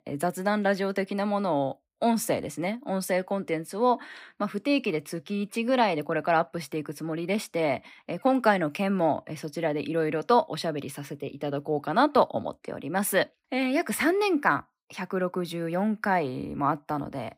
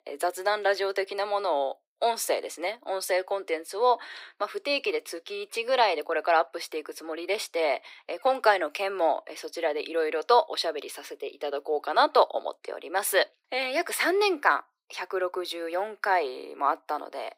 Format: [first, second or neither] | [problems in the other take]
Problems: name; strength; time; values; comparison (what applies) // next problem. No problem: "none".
first | thin; very; fading below 400 Hz